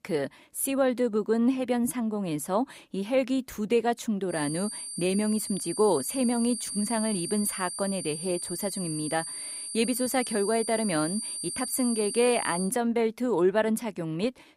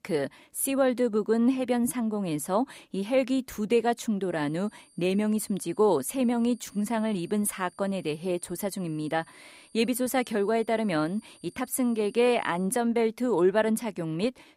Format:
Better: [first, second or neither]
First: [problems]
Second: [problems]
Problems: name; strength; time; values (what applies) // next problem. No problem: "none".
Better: second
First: high-pitched whine; loud; from 4.5 to 13 s; 9 kHz, 5 dB below the speech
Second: high-pitched whine; faint; from 4.5 to 13 s; 9 kHz, 30 dB below the speech